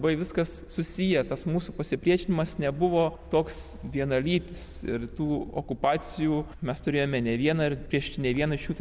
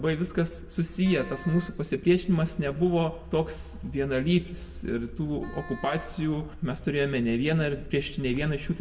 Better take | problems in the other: first | background sound (Wind instrument, woodwind instrument); 19 dB below the speech // room echo; dies away in 0.6 s

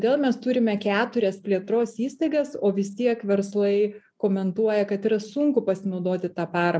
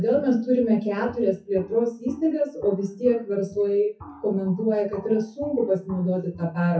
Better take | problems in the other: first | noise reduction (classical method WPE with log-MMSE)

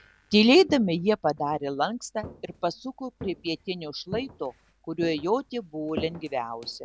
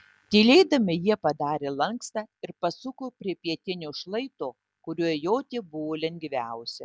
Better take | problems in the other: second | background sound (Walk, footsteps); 17 dB below the speech

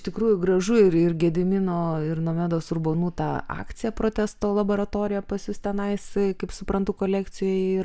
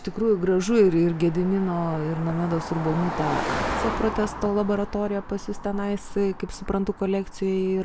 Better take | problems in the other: first | background sound (Car passing by); 10 dB below the speech

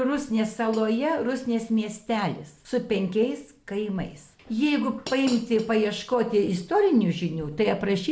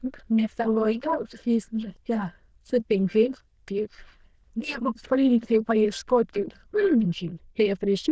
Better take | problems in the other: first | noise reduction (neural diffusion model UNIVERSE++)

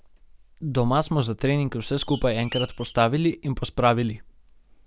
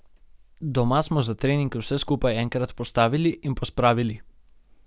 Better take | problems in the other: second | background sound (Bird); 14 dB below the speech

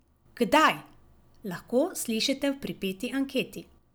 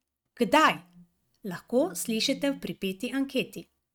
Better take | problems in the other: first | noise reduction (neural mask model RNNoise)

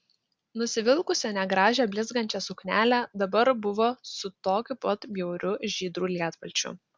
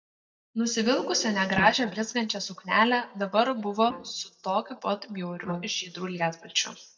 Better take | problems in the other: first | noise reduction (neural mask model DeepFilterNet 3)

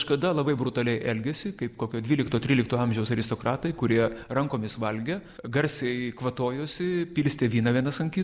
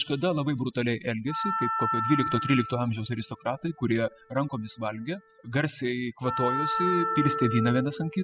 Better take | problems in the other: first | noise reduction (classical method spectral subtraction)

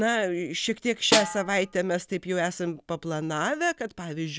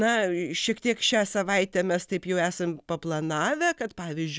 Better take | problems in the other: second | background sound (Snare drum); 2 dB below the speech

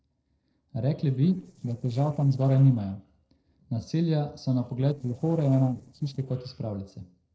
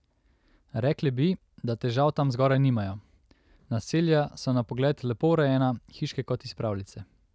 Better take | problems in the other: second | noise reduction (neural separator model SepFormer DNS4)

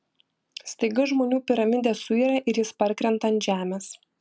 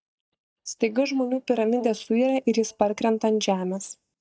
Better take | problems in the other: first | noise reduction (neural mask model DeepFilterNet 3)

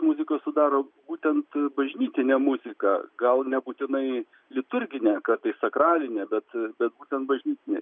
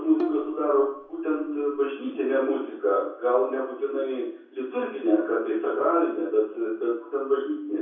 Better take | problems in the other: first | background sound (Bowed string instrument); 12 dB below the speech // room echo; dies away in 0.6 s

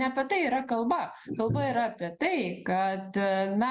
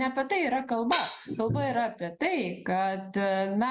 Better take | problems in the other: first | background sound (Hi-hat); 7 dB below the speech

